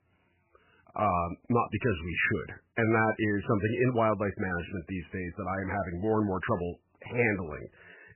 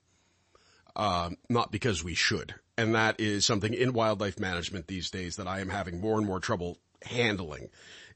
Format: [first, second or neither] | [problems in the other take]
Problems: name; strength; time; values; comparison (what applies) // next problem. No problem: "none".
second | garbled, watery; badly; nothing above 2.5 kHz; slightly in the second